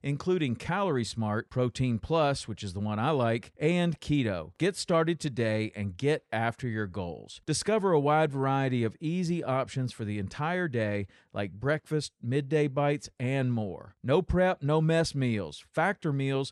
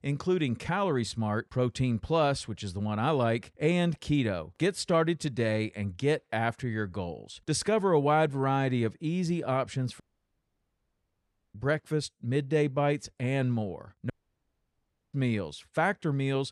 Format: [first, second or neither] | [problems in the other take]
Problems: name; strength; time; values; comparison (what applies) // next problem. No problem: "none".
first | audio cutting out; at 10 s for 1.5 s and at 14 s for 1 s